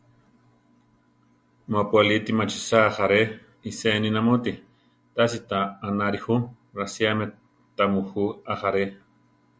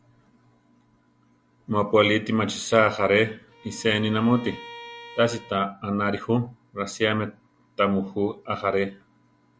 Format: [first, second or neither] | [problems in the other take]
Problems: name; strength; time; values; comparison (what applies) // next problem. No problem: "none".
first | background sound (Bowed string instrument); 19 dB below the speech